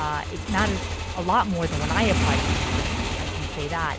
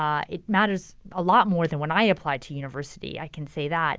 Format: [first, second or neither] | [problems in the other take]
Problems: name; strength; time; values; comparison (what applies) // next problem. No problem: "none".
second | background sound (Motorcycle / Engine); 1 dB above the speech